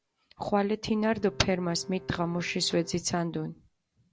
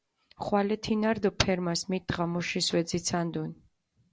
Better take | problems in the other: second | background sound (Bowed string instrument); 20 dB below the speech

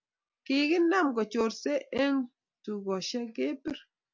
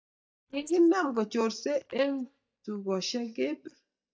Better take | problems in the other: first | noise reduction (neural mask model DeepFilterNet 3)

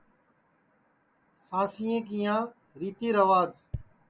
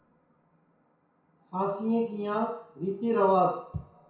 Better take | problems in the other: first | room echo; dies away in 0.6 s

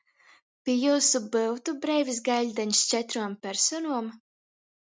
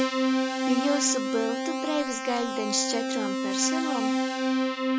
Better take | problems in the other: first | background sound (Keyboard (musical)); 3 dB above the speech

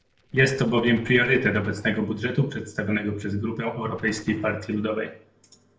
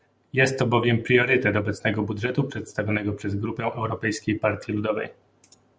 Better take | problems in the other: second | noise reduction (neural separator model SepFormer DNS4)

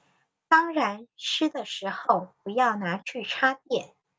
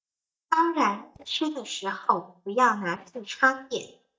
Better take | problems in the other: first | noise reduction (neural mask model DeepFilterNet 3)

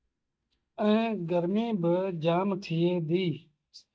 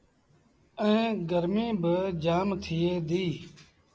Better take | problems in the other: second | noise reduction (neural mask model DeepFilterNet 3)

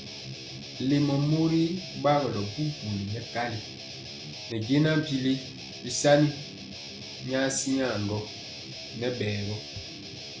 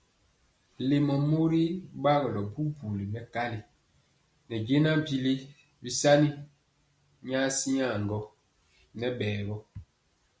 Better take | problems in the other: second | background sound (Guitar); 12 dB below the speech

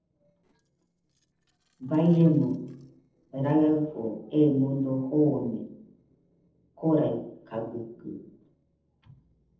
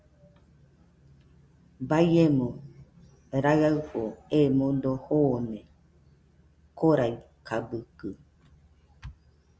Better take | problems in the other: second | noise reduction (neural separator model SepFormer DNS4)

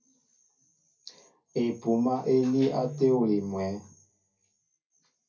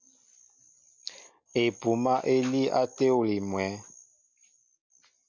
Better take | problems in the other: second | background sound (Guitar); 18 dB below the speech // room echo; dies away in 0.3 s

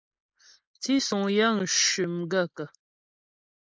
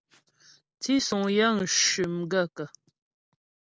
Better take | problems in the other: second | noise reduction (neural mask model Resemble Enhance denoiser)

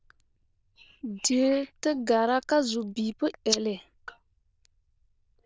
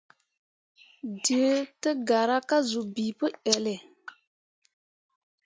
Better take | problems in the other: second | noise reduction (neural diffusion model UNIVERSE++)

